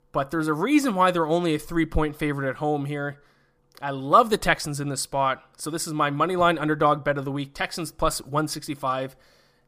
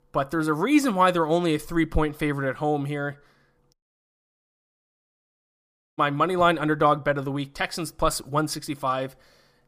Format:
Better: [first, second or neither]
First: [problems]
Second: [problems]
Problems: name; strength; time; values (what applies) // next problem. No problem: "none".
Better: first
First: none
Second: audio cutting out; at 3.5 s for 2 s